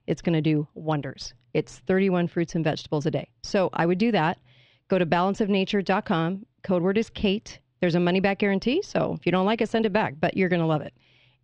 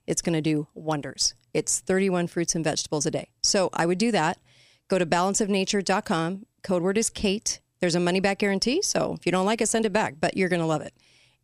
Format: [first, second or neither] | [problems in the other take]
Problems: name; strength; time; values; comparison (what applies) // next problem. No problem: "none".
second | muffled; slightly; fading above 3.5 kHz